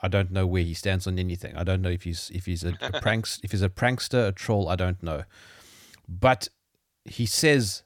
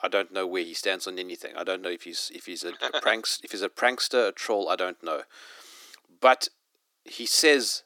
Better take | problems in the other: first | thin; very; fading below 300 Hz

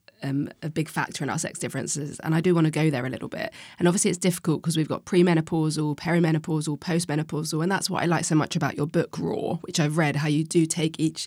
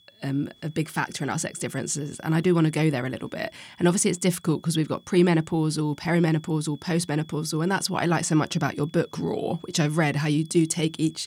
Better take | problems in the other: first | high-pitched whine; faint; throughout; 3.5 kHz, 30 dB below the speech

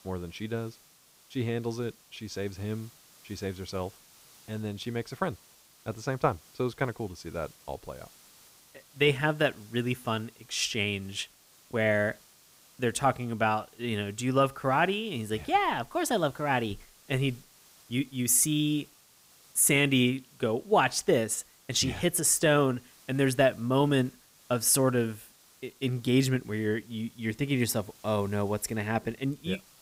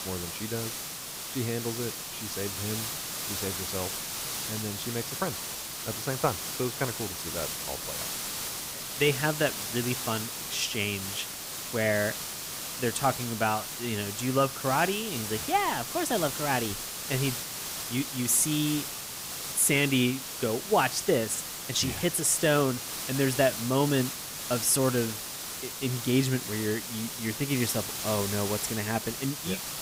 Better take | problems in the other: first | hiss; loud; throughout; 4 dB below the speech; faint in the first

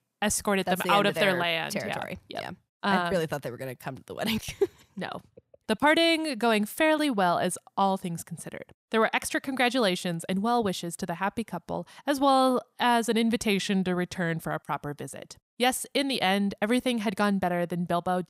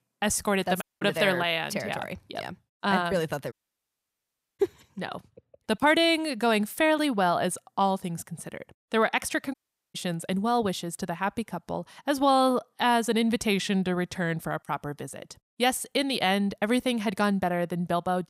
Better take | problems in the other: first | audio cutting out; at 1 s, at 3.5 s for 1 s and at 9.5 s

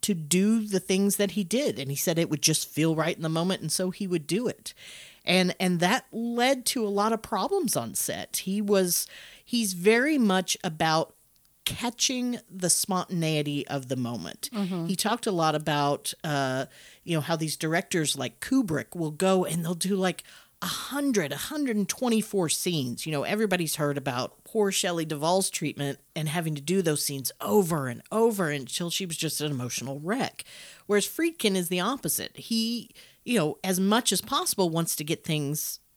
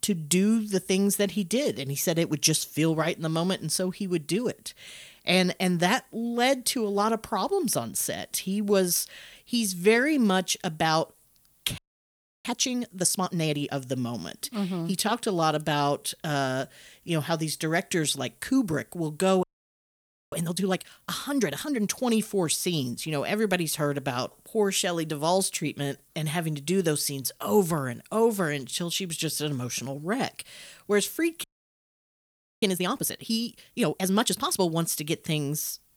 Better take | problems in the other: first | audio freezing; at 12 s for 0.5 s, at 19 s for 1 s and at 31 s for 1 s

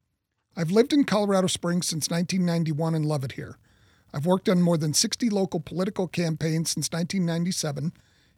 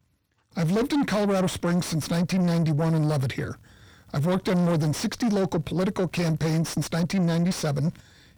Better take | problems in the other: first | distortion; heavy; 6 dB below the speech

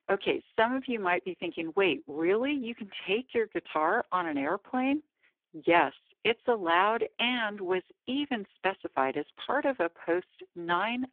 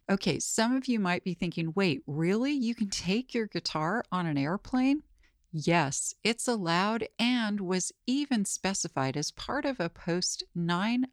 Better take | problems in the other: second | phone-call audio; poor line; nothing above 3.5 kHz

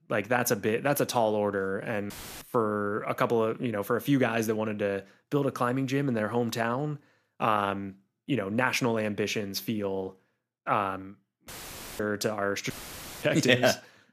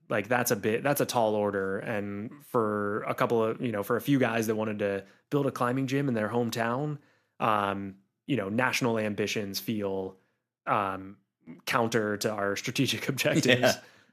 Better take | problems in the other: second | audio cutting out; filled with static; at 2 s, at 11 s for 0.5 s and at 13 s for 0.5 s

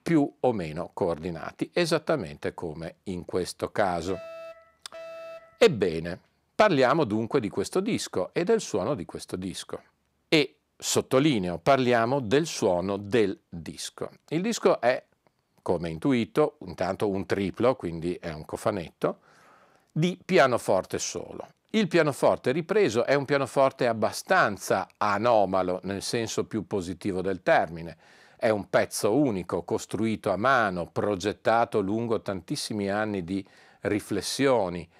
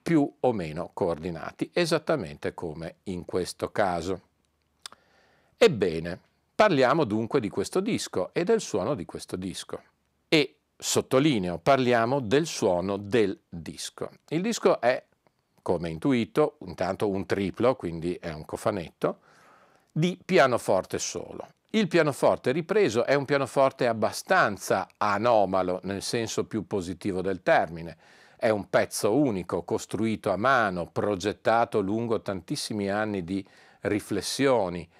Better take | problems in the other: second | alarm; faint; from 4 to 5.5 s; peak 15 dB below the speech

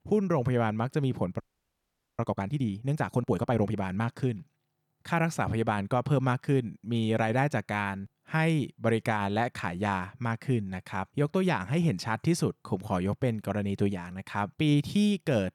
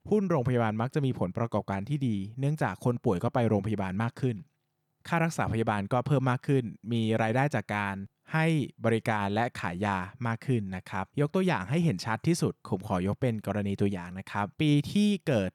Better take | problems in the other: second | audio freezing; at 1.5 s for 1 s

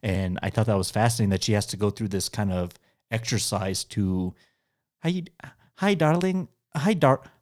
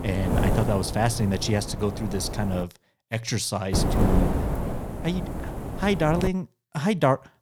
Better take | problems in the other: first | wind noise on the microphone; heavy; until 2.5 s and from 3.5 to 6.5 s; 5 dB below the speech

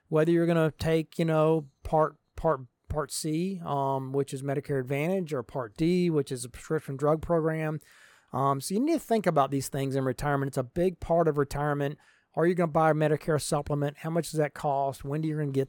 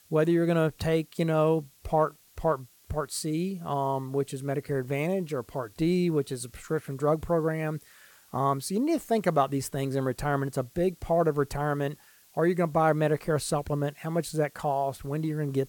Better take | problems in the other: first | hiss; faint; throughout; 30 dB below the speech

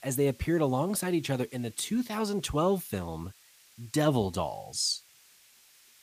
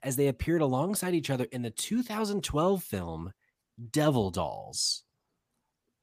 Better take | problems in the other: second | hiss; faint; throughout; 25 dB below the speech

